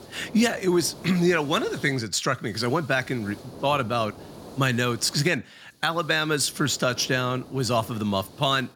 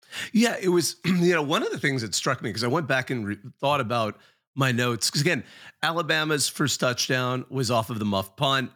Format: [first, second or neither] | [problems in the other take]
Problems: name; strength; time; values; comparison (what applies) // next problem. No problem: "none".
second | hiss; noticeable; throughout; 20 dB below the speech